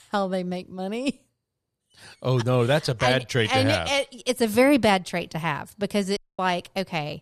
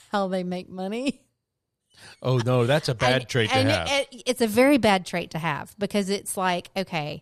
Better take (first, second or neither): second